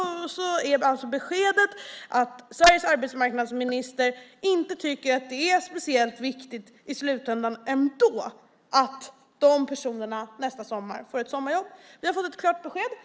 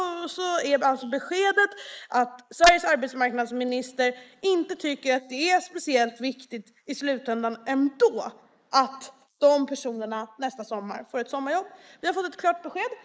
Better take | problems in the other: first | noise reduction (neural mask model Resemble Enhance denoiser)

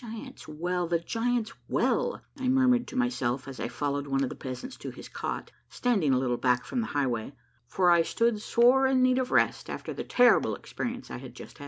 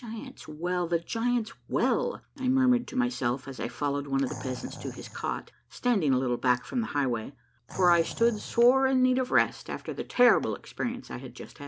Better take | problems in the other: first | background sound (Animal); 15 dB below the speech

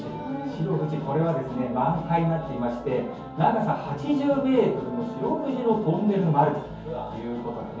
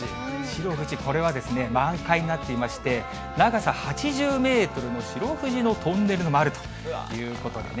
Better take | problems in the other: second | room echo; dies away in 0.6 s

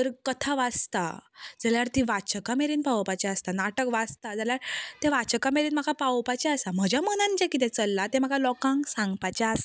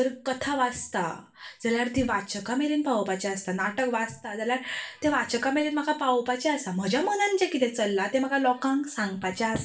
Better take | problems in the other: first | room echo; dies away in 0.3 s

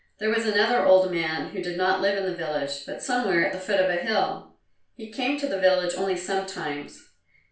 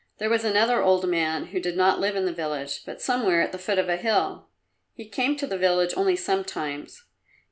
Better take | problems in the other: second | room echo; dies away in 0.4 s

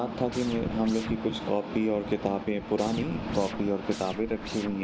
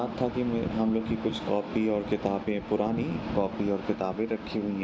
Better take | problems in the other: second | background sound (Scratching (performance technique)); 14 dB below the speech

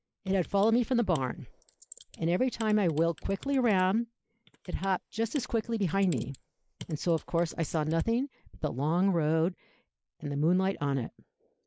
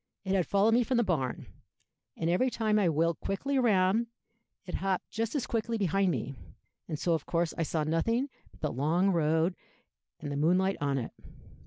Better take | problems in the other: second | noise reduction (neural mask model Resemble Enhance denoiser)

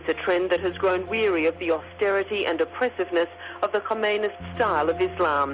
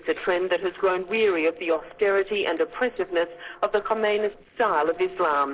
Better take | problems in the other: first | noise reduction (neural separator model SepFormer DNS4)

